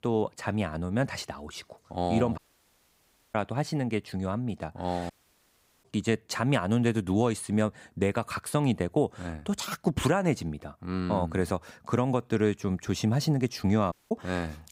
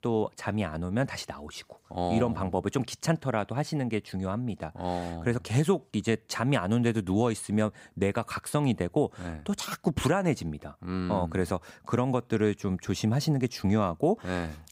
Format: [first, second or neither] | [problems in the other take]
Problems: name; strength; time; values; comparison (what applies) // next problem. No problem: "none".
second | audio cutting out; at 2.5 s for 1 s, at 5 s for 0.5 s and at 14 s